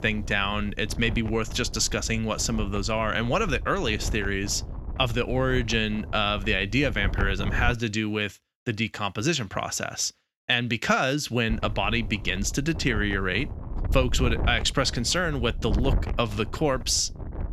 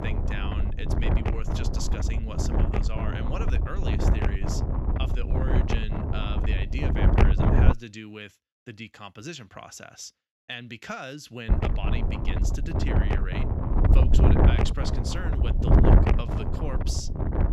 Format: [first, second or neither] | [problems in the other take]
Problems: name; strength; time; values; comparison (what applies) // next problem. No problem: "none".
first | wind noise on the microphone; heavy; until 7.5 s and from 11 s on; 4 dB above the speech; occasional gusts in the first